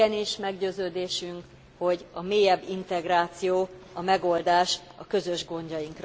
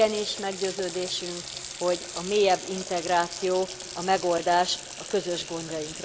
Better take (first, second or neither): first